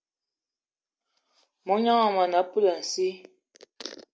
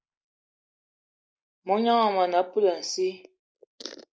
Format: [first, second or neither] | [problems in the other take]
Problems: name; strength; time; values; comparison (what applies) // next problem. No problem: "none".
first | noise reduction (neural mask model Resemble Enhance denoiser)